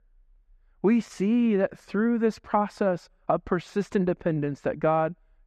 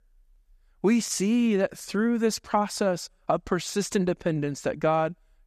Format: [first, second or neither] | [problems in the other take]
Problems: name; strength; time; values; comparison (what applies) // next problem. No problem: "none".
second | muffled; very; fading above 4 kHz